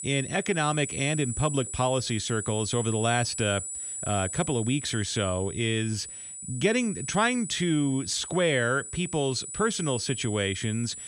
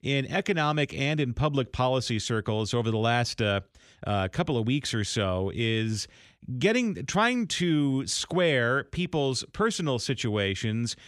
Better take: second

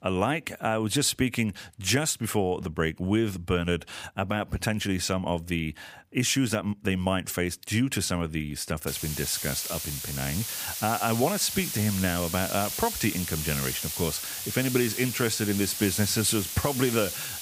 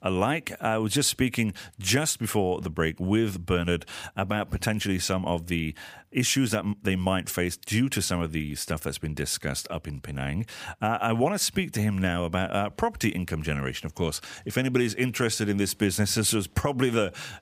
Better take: second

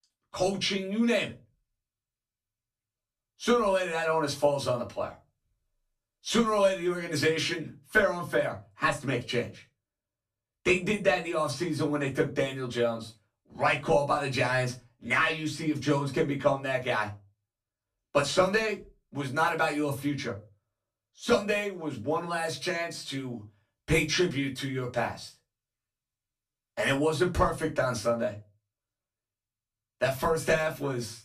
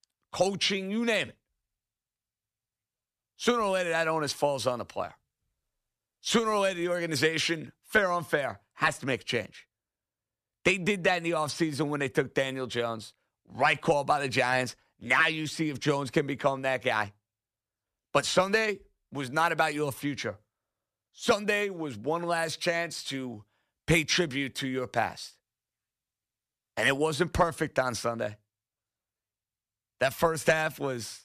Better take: second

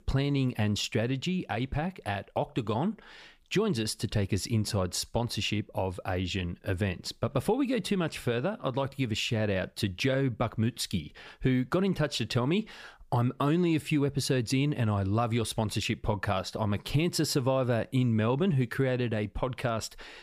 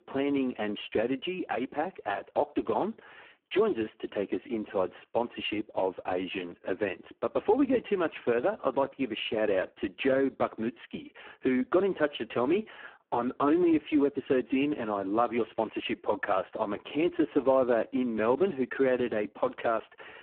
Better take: first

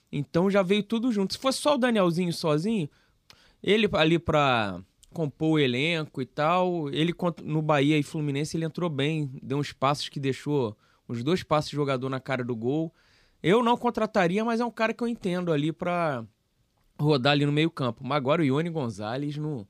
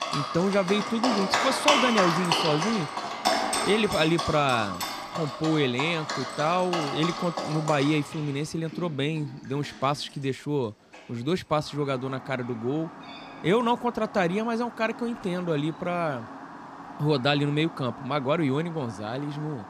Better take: first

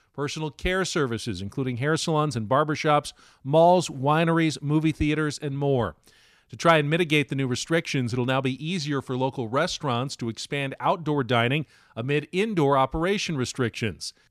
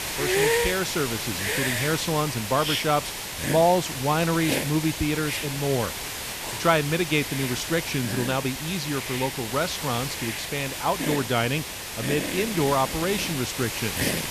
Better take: first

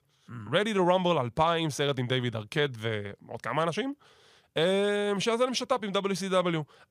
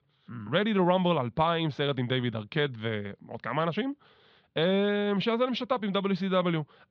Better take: first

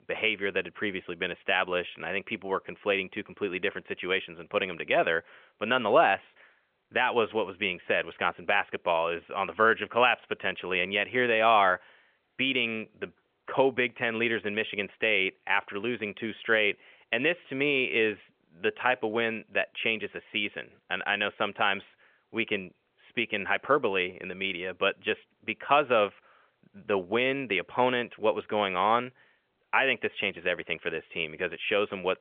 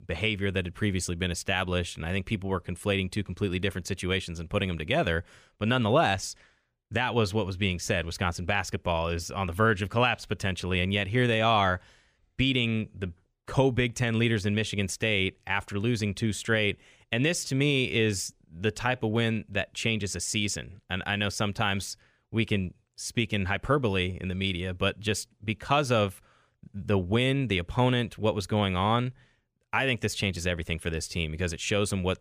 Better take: second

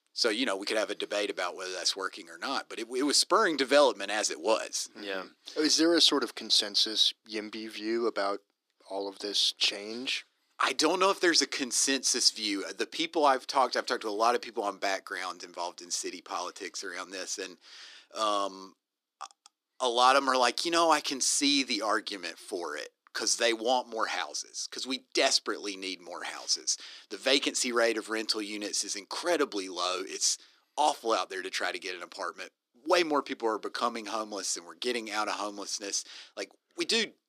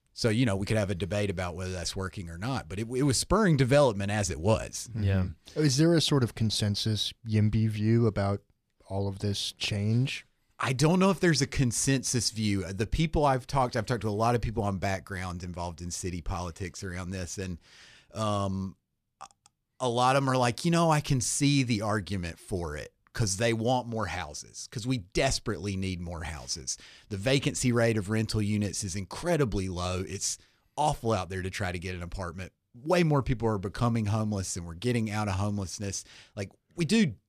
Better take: second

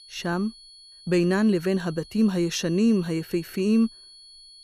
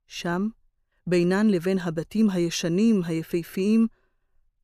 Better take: second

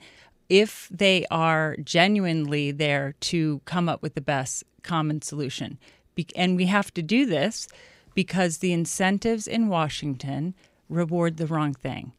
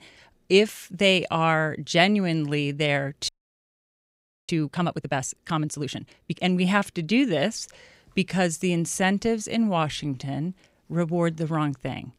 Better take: first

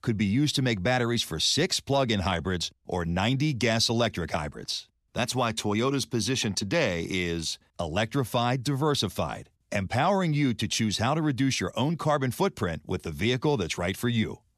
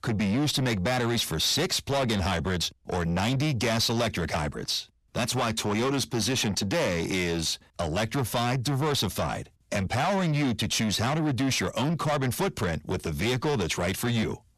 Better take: first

